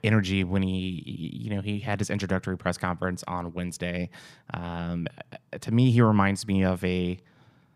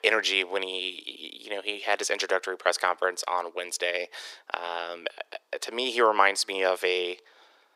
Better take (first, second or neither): first